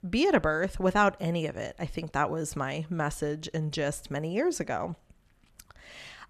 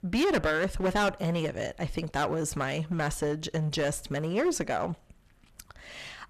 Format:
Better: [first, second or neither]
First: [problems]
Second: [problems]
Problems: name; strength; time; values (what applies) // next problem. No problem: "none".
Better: first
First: none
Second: distortion; heavy; 9% of the sound clipped